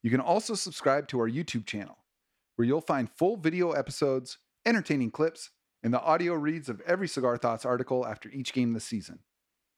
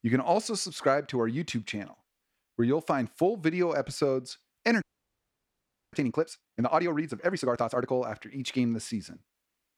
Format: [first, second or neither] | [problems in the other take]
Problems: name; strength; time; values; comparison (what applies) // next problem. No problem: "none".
first | audio freezing; at 5 s for 1 s